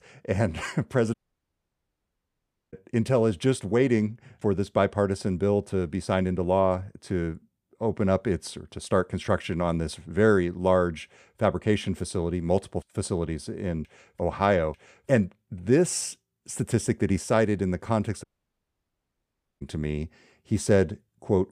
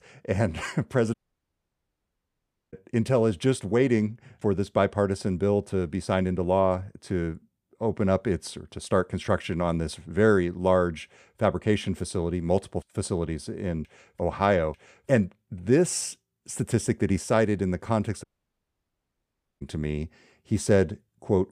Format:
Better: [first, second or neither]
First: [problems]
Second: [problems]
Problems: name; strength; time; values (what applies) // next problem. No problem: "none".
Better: neither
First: audio cutting out; at 1 s for 1.5 s and at 18 s for 1.5 s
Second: audio cutting out; at 1 s for 1.5 s and at 18 s for 1.5 s